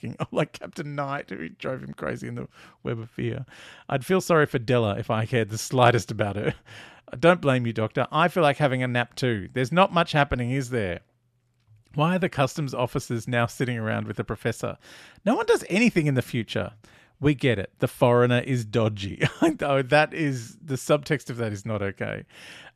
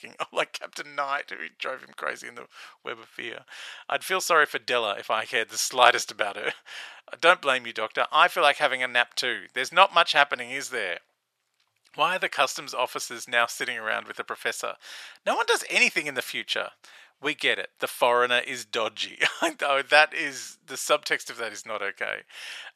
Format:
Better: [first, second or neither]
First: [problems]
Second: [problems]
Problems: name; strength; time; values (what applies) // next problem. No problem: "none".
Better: first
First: none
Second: thin; very; fading below 850 Hz